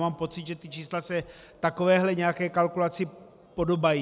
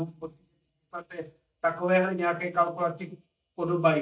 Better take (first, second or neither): first